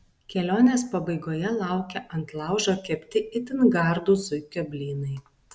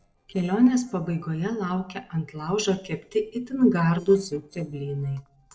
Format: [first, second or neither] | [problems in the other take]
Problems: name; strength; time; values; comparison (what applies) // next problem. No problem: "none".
first | noise reduction (neural separator model SepFormer DNS4)